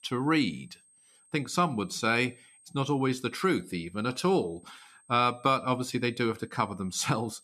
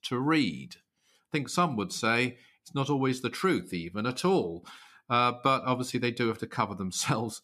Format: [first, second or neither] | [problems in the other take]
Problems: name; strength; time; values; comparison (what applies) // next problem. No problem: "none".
second | high-pitched whine; faint; throughout; 8.5 kHz, 30 dB below the speech